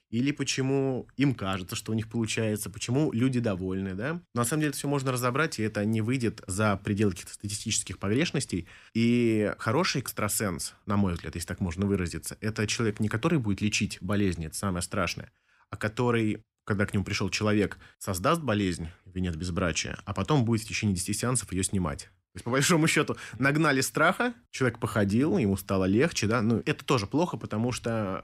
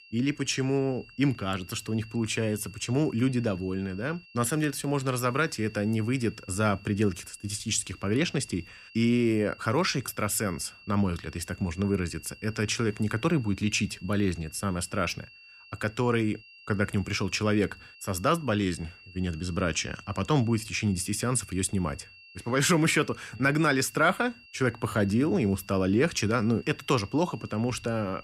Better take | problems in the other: first | high-pitched whine; faint; throughout; 2.5 kHz, 20 dB below the speech

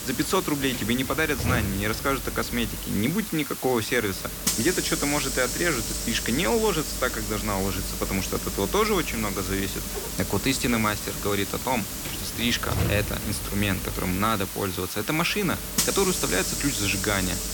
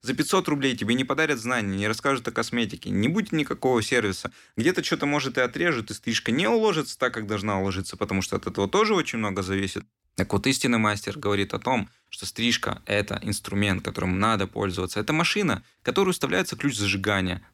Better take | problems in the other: second | hiss; loud; throughout; 3 dB below the speech

